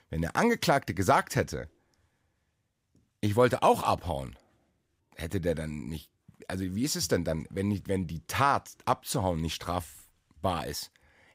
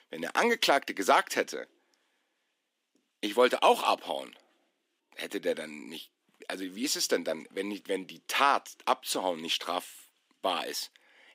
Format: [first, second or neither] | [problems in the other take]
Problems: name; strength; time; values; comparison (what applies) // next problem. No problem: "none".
first | thin; somewhat; fading below 250 Hz